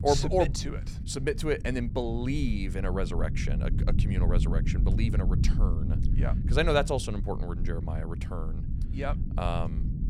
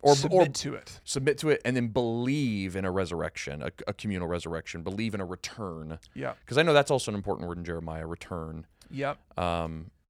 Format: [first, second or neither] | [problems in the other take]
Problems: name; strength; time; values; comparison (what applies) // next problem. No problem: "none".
second | low rumble; noticeable; throughout; 10 dB below the speech